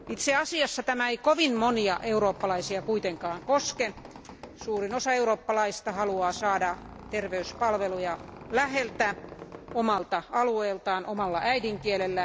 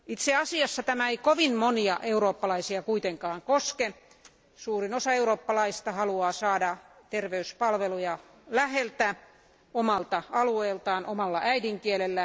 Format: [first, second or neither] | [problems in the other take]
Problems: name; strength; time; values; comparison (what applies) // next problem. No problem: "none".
second | background sound (Squeak); 17 dB below the speech